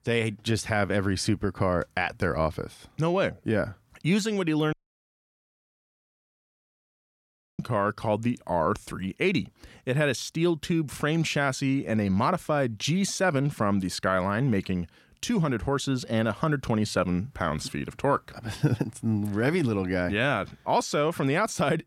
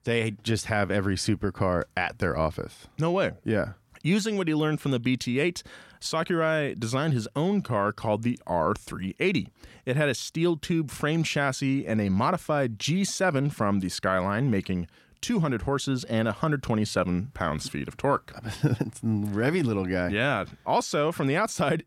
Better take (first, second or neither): second